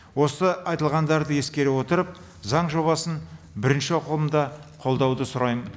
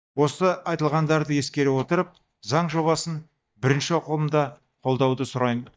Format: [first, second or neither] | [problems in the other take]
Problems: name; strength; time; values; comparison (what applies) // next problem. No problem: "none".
first | noise reduction (neural mask model DeepFilterNet 3)